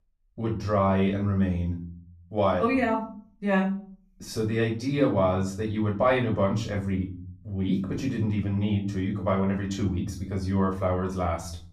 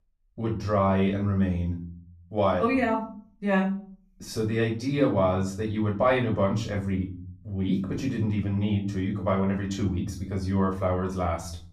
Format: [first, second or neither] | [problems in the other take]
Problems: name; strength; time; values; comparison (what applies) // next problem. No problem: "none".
neither | off-mic speech; far; the same in both // room echo; slight; dies away in 0.6 s; the same in both